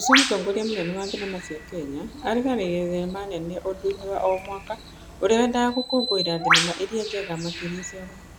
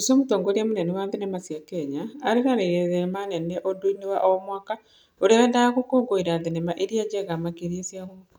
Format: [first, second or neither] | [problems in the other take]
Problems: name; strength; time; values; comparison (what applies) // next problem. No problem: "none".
second | background sound (Bird); 3 dB below the speech